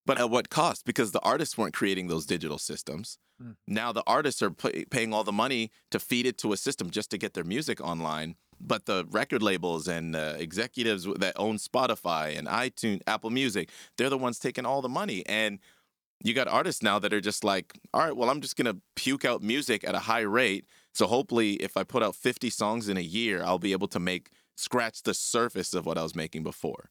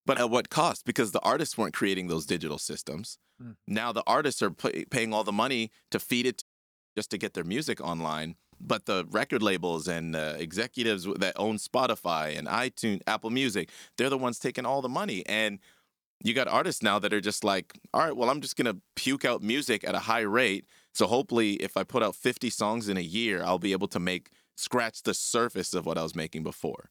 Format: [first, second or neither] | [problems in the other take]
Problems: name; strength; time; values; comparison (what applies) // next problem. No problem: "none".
first | audio cutting out; at 6.5 s for 0.5 s